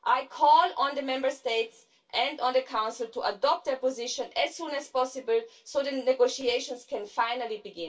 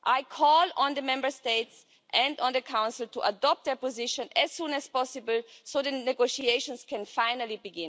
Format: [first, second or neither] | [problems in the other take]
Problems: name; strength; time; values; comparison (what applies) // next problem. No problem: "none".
second | room echo; dies away in 0.2 s